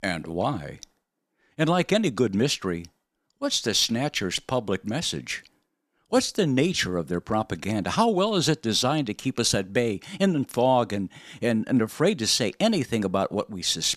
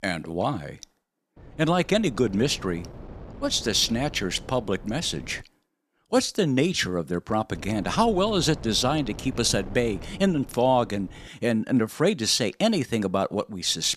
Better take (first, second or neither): first